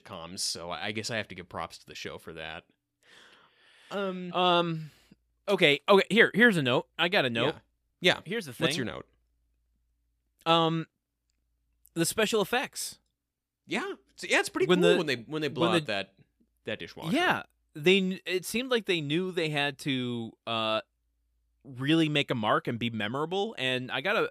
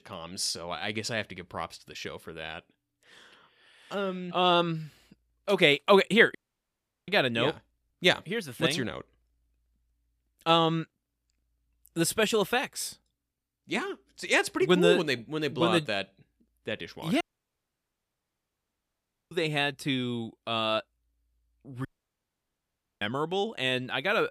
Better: first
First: none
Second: audio cutting out; at 6.5 s for 0.5 s, at 17 s for 2 s and at 22 s for 1 s

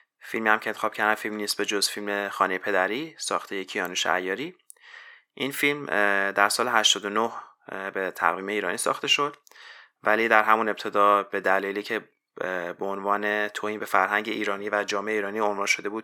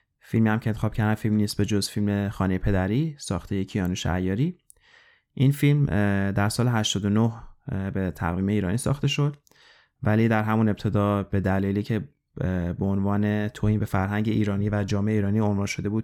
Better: second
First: thin; very; fading below 450 Hz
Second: none

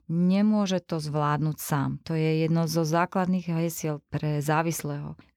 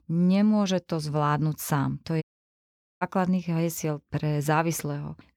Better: first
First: none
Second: audio cutting out; at 2 s for 1 s

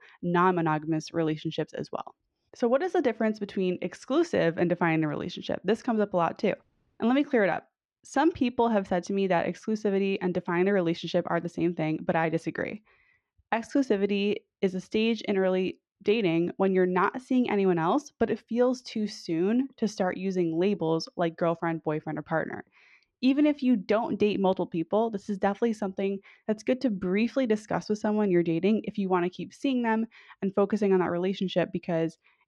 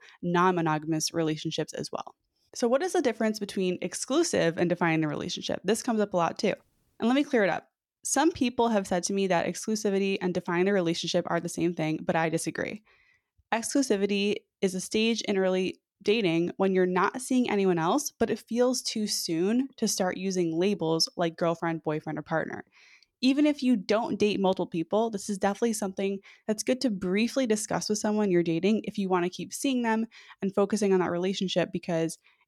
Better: second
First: muffled; slightly; fading above 2.5 kHz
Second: none

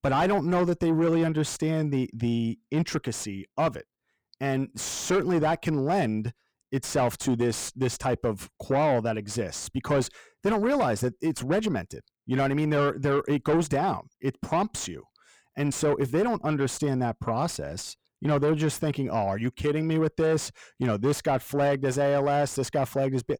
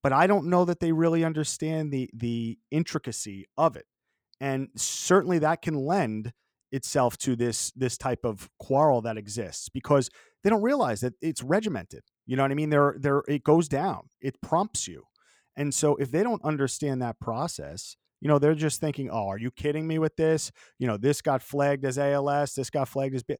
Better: second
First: distortion; heavy; 7 dB below the speech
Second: none

